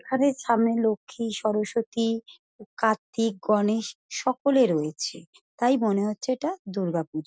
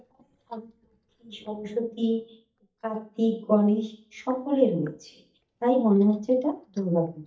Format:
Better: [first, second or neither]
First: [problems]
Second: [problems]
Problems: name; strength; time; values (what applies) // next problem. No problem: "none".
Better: first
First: none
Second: noise reduction (neural mask model DeepFilterNet 3)